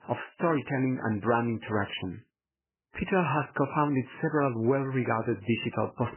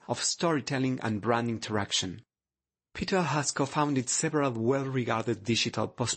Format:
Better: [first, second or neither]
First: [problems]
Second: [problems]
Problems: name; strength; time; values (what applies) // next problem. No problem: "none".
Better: second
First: garbled, watery; badly; nothing above 3 kHz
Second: garbled, watery; slightly; nothing above 8 kHz